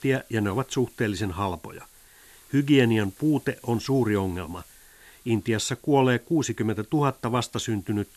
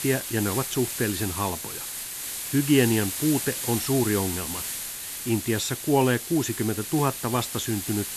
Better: first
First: hiss; faint; throughout; 25 dB below the speech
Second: hiss; loud; throughout; 5 dB below the speech

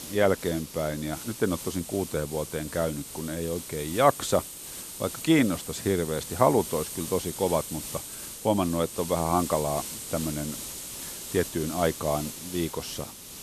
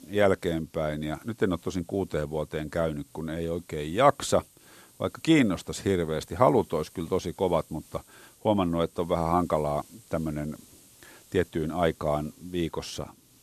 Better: second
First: hiss; loud; throughout; 8 dB below the speech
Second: hiss; faint; throughout; 25 dB below the speech

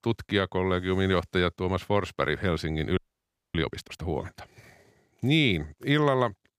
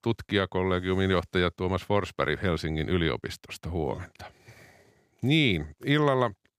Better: second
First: audio freezing; at 3 s for 0.5 s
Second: none

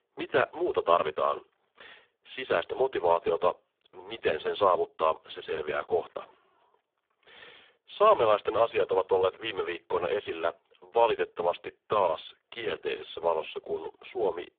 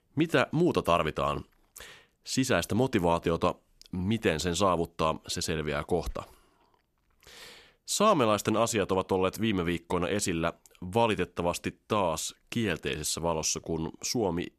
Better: second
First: phone-call audio; poor line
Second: none

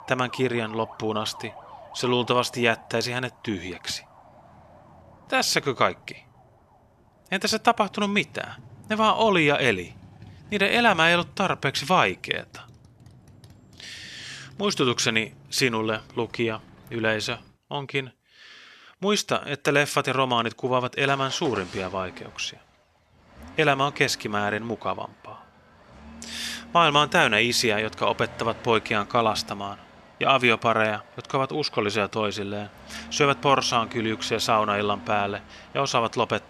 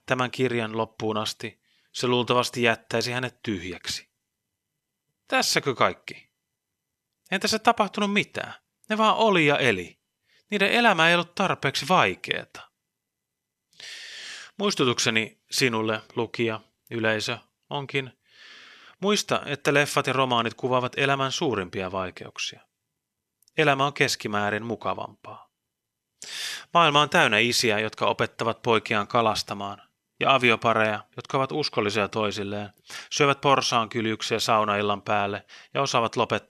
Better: second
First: traffic noise; faint; throughout; 20 dB below the speech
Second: none

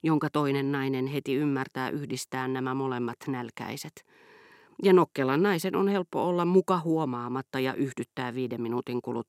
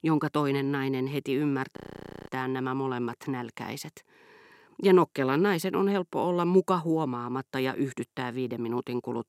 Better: first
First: none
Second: audio freezing; at 2 s for 0.5 s

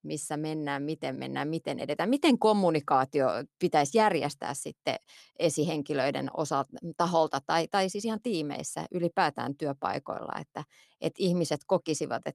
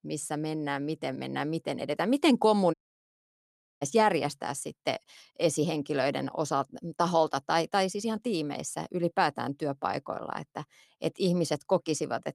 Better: first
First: none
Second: audio cutting out; at 2.5 s for 1 s

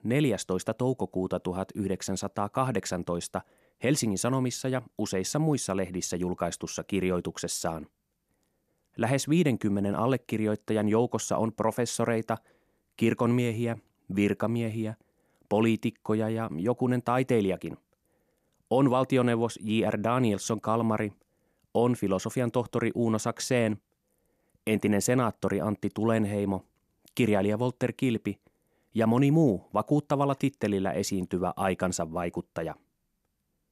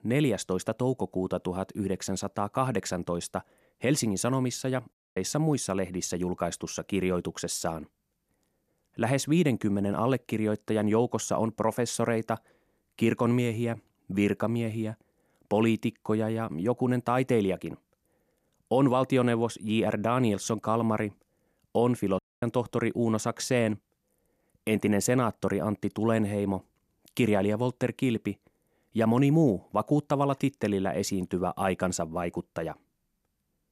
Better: first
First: none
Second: audio cutting out; at 5 s and at 22 s

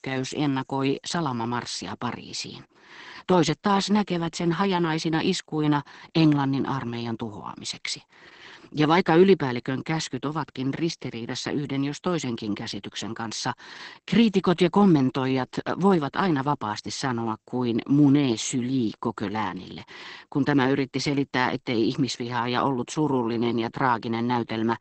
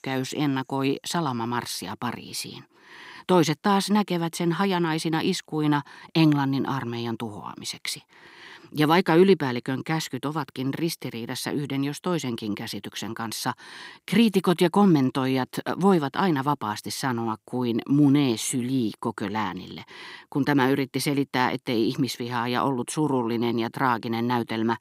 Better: second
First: garbled, watery; badly; nothing above 8 kHz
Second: none

